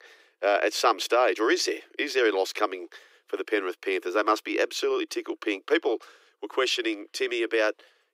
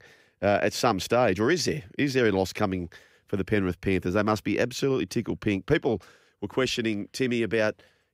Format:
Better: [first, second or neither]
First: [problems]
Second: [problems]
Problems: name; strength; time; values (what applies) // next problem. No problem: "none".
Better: second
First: thin; very; fading below 300 Hz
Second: none